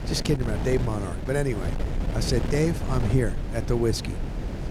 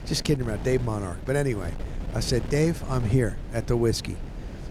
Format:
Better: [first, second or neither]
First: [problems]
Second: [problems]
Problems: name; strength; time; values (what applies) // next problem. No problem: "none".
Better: second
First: wind noise on the microphone; heavy; 7 dB below the speech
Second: wind noise on the microphone; occasional gusts; 15 dB below the speech